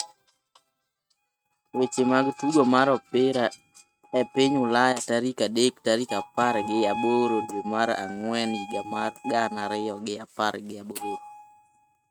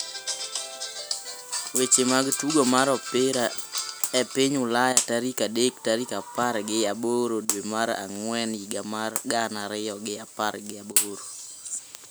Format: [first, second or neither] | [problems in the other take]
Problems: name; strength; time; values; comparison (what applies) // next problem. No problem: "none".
second | noise reduction (neural mask model RNNoise)